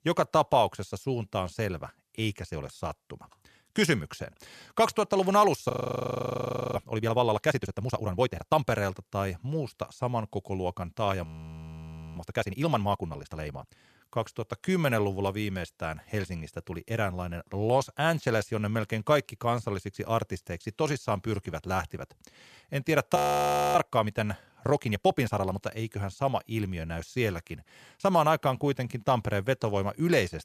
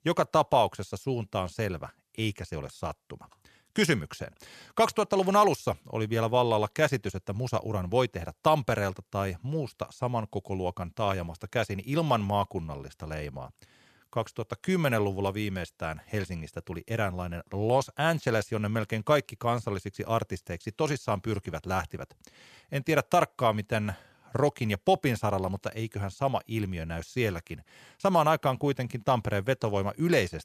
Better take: second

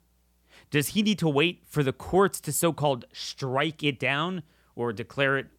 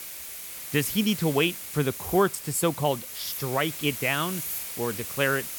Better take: first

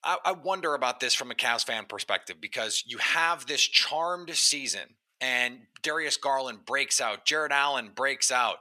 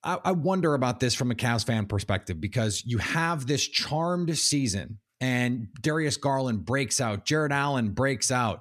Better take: second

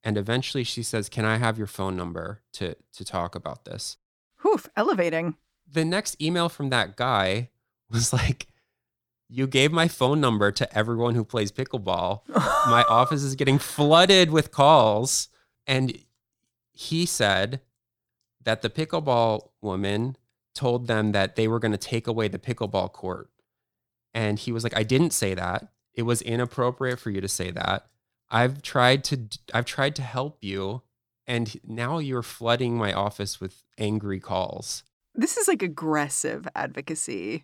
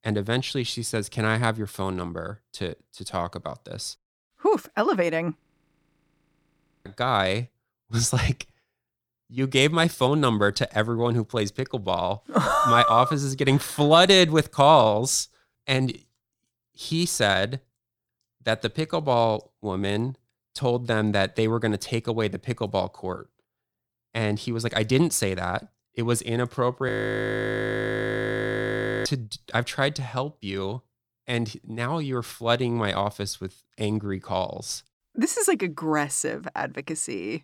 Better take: first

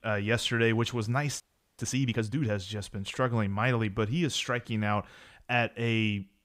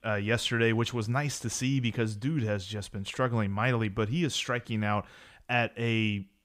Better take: second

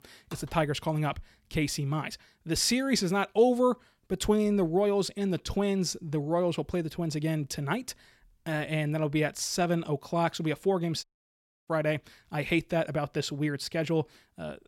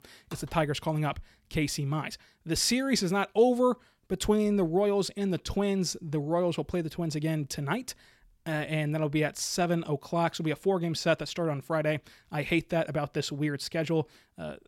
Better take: second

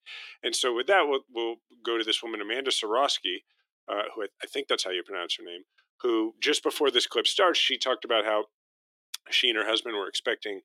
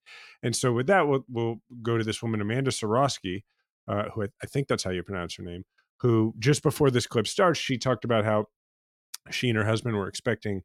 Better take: second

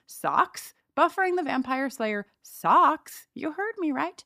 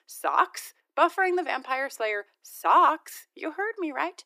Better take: first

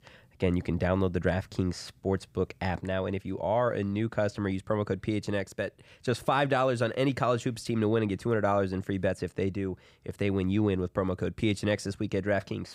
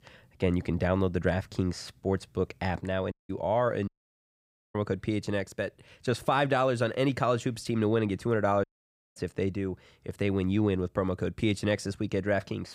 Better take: first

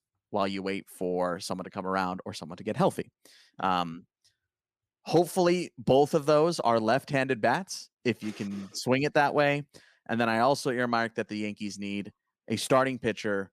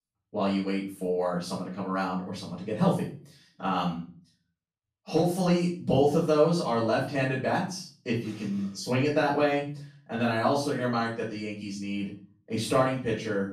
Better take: first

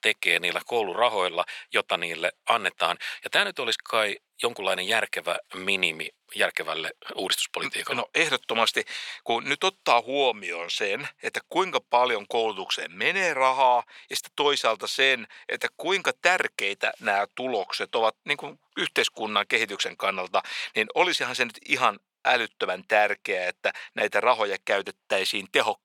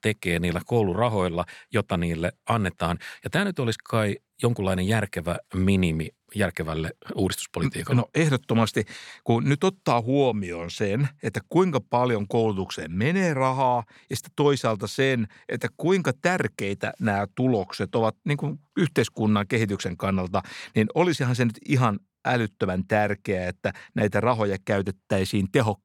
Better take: second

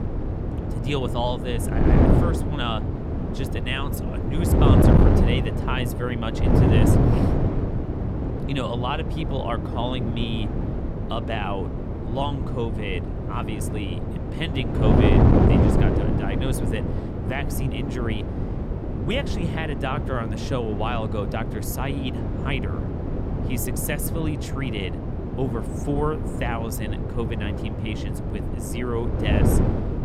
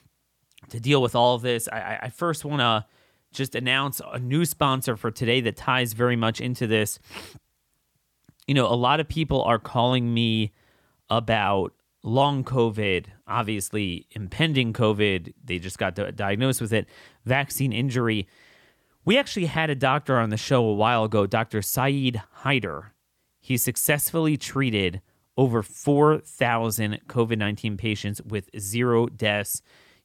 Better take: second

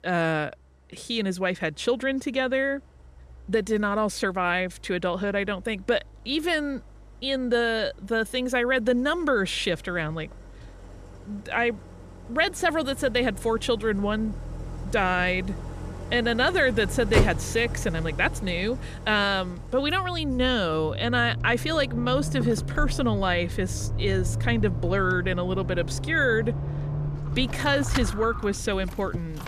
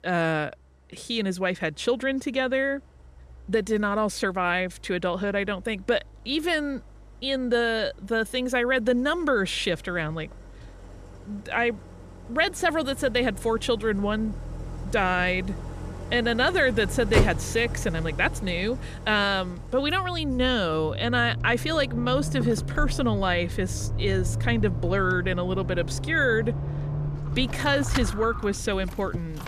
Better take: neither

